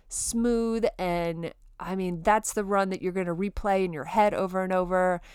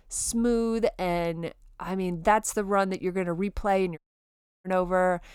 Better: first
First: none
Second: audio cutting out; at 4 s for 0.5 s

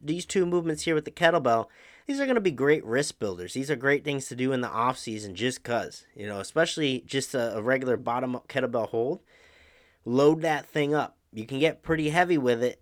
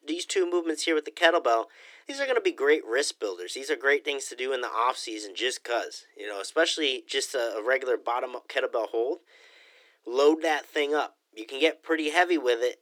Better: first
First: none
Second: thin; very; fading below 300 Hz

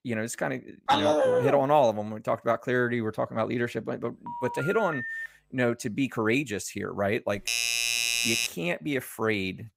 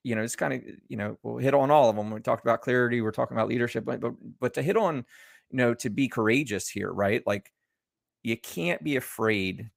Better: second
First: dog barking; loud; at 1 s; peak 6 dB above the speech // phone ringing; noticeable; from 4.5 to 5.5 s; peak 4 dB below the speech // doorbell; loud; from 7.5 to 8.5 s; peak 5 dB above the speech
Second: none

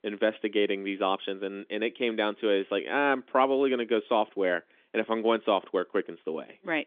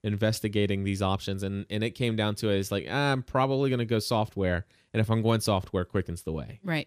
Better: second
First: phone-call audio; nothing above 3.5 kHz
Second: none

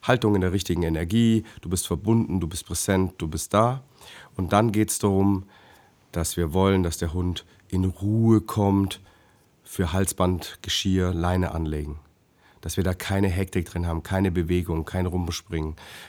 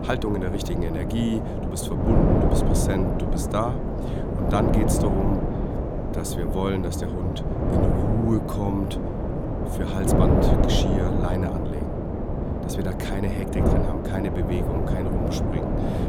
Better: first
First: none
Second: wind noise on the microphone; heavy; 3 dB above the speech

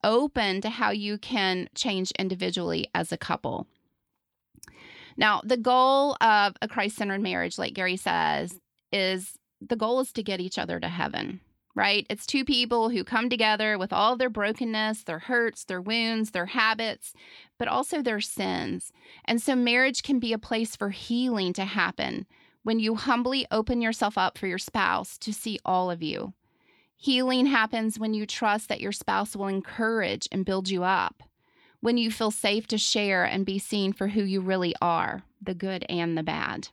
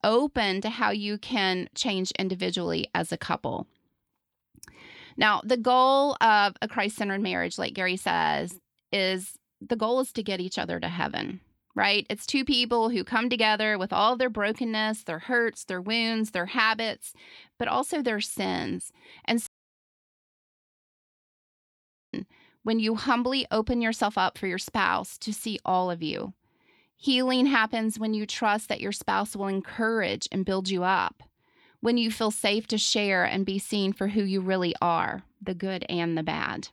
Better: first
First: none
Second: audio cutting out; at 19 s for 2.5 s

